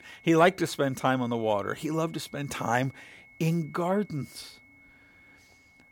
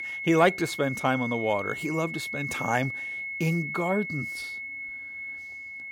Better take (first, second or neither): first